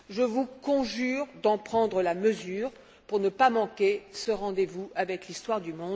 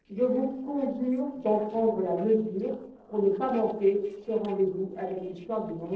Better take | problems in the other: first | noise reduction (neural separator model SepFormer DNS4)

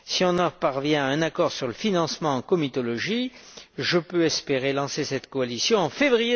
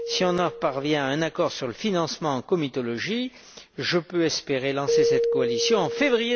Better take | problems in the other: first | background sound (Keyboard (musical)); 5 dB below the speech

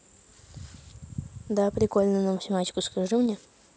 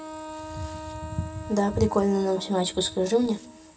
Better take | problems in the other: first | background sound (Wind instrument, woodwind instrument); 14 dB below the speech // room echo; dies away in 0.2 s

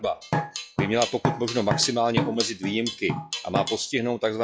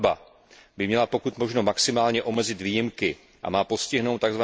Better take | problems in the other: second | noise reduction (classical method log-MMSE)

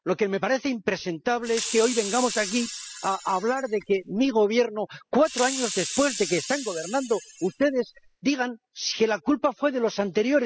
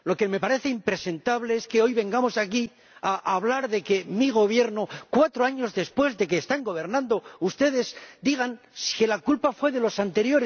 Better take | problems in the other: second | noise reduction (classical method spectral subtraction)

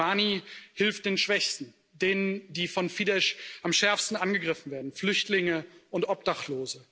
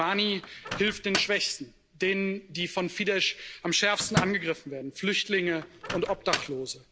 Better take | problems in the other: first | background sound (Microwave oven); 8 dB below the speech

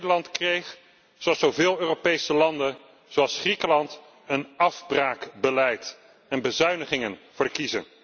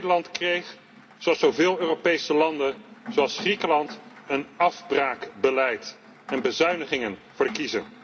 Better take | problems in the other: first | background sound (Rain); 19 dB below the speech // room echo; dies away in 0.3 s

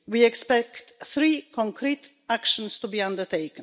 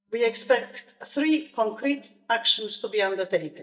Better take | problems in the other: first | noise reduction (neural mask model DeepFilterNet 3)

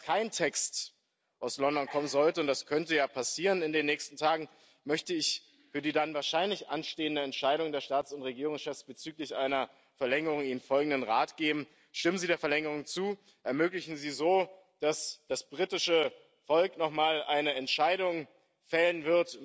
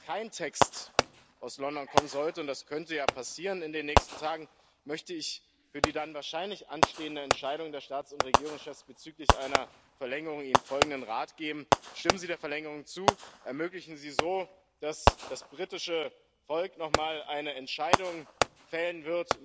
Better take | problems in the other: first | background sound (Fireworks); 4 dB above the speech

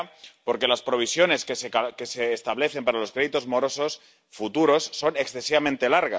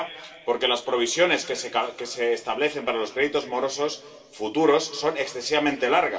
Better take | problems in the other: first | room echo; dies away in 2.7 s

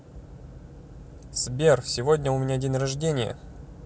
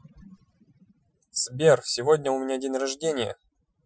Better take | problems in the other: first | noise reduction (classical method Wiener filter)

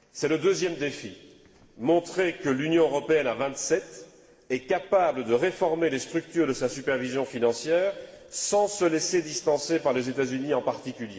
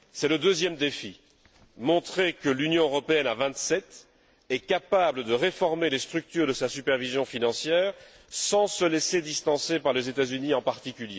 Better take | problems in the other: second | room echo; dies away in 1.8 s

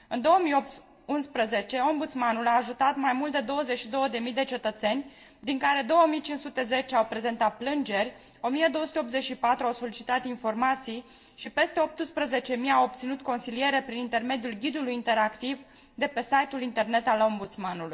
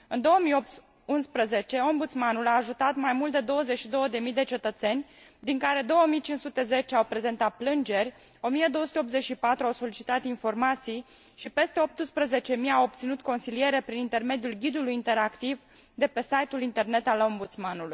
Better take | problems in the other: second | room echo; dies away in 0.5 s

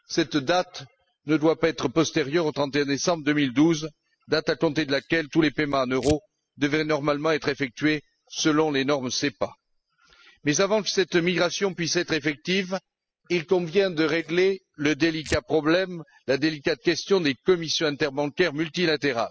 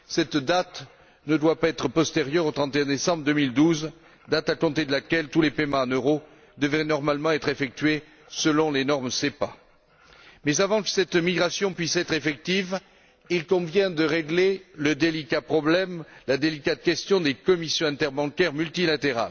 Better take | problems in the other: second | noise reduction (classical method spectral subtraction)

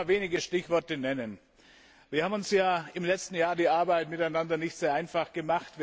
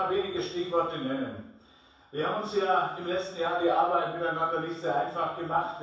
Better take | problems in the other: first | room echo; dies away in 0.7 s

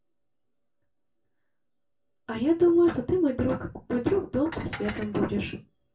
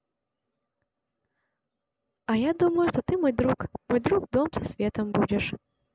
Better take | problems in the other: second | background sound (Dishes, pots, and pans); 13 dB below the speech // room echo; dies away in 0.2 s

